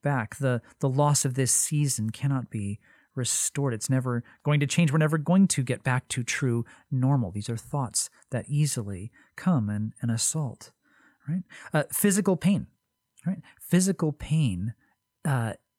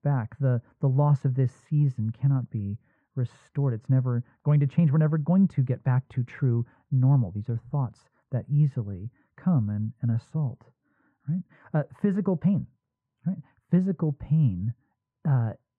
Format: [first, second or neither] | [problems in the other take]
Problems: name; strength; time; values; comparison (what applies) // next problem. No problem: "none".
first | muffled; very; fading above 1 kHz